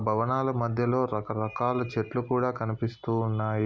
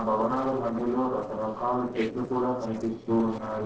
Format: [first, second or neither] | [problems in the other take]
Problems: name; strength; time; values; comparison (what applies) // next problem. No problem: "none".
first | noise reduction (neural separator model SepFormer DNS4)